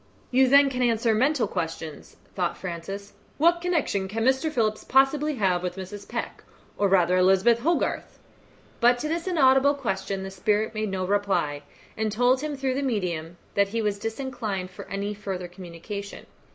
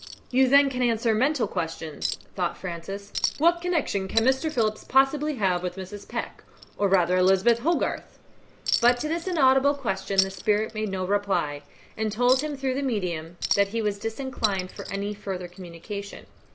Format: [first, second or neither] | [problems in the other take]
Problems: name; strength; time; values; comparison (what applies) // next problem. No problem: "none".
first | background sound (Chink, clink); 11 dB below the speech